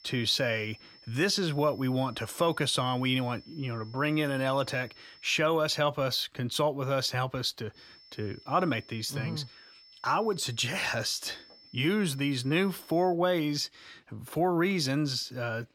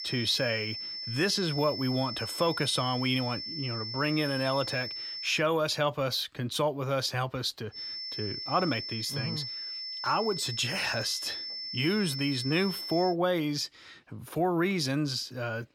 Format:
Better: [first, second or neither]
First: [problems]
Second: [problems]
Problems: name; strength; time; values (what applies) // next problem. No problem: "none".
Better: first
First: high-pitched whine; faint; until 5.5 s and from 8 to 13 s; 5.5 kHz, 25 dB below the speech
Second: high-pitched whine; loud; until 5.5 s and from 8 to 13 s; 5.5 kHz, 5 dB below the speech